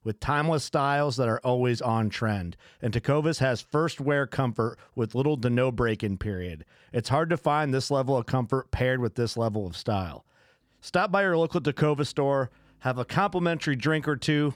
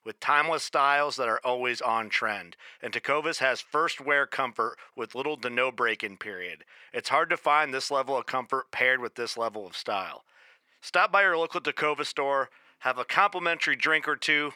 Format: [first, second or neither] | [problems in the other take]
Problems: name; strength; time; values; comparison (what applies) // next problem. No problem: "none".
first | thin; very; fading below 500 Hz